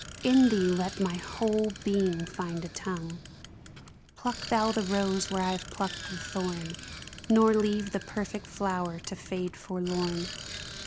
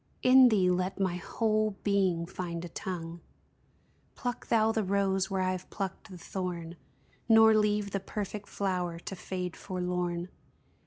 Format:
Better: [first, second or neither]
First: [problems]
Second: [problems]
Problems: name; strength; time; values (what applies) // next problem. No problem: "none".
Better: second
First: background sound (Bicycle); 12 dB below the speech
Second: none